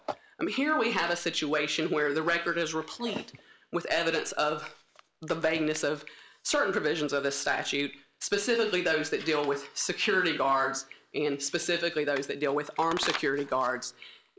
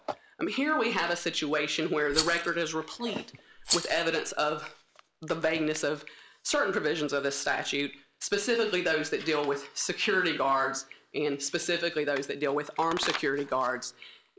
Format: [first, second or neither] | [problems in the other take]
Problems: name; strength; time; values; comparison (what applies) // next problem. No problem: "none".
first | background sound (Rattle); 6 dB below the speech